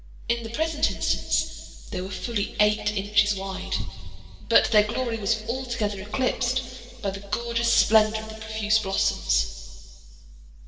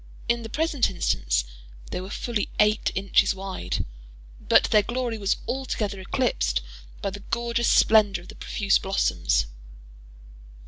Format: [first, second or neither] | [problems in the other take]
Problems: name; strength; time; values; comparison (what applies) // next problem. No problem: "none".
second | room echo; dies away in 2.3 s